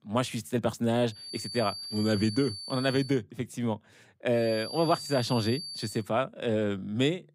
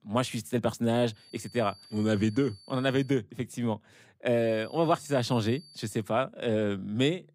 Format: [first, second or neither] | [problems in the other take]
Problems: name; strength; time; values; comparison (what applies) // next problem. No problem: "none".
second | high-pitched whine; loud; from 1 to 3 s and from 4.5 to 6 s; 4.5 kHz, 8 dB below the speech; faint in the second